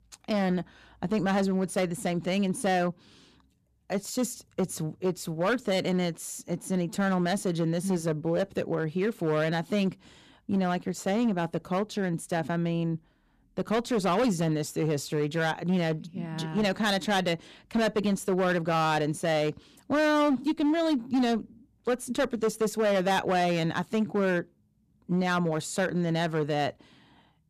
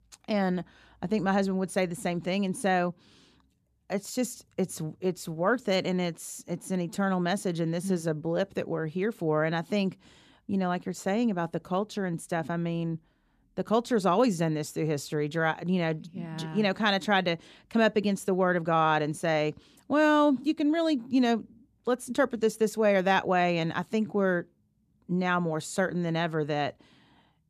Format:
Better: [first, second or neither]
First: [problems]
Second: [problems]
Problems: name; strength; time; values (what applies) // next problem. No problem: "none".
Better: second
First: distortion; slight; 10% of the sound clipped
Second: none